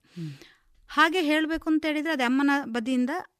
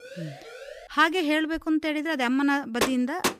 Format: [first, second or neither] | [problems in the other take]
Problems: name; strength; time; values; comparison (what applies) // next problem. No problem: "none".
first | siren; faint; at the start; peak 15 dB below the speech // door banging; noticeable; at 3 s; peak 3 dB below the speech